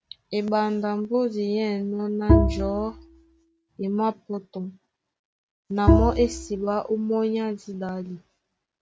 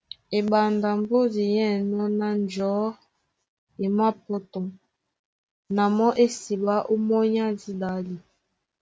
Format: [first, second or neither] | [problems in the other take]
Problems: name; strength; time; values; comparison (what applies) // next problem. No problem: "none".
second | background sound (Bowed string instrument); 2 dB above the speech